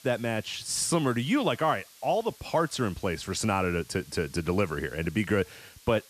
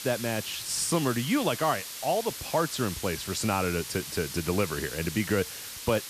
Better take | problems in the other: first | hiss; loud; throughout; 7 dB below the speech; faint in the first

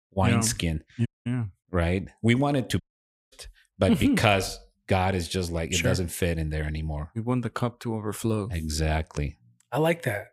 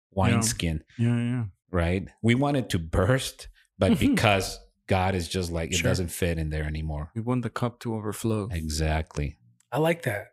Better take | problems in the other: second | audio cutting out; at 1 s and at 3 s for 0.5 s

